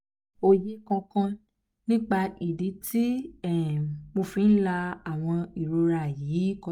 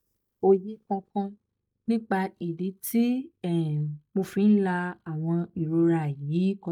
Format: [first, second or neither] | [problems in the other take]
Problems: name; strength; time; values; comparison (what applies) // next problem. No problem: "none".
first | noise reduction (neural mask model DeepFilterNet 3)